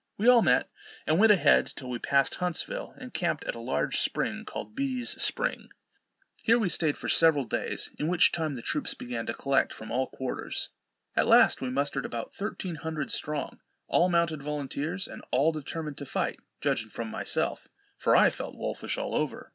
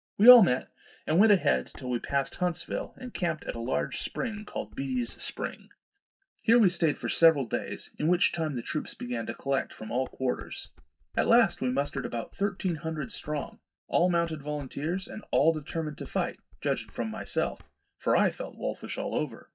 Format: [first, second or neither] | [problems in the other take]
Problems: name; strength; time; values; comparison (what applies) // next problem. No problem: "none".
first | noise reduction (neural mask model DeepFilterNet 3)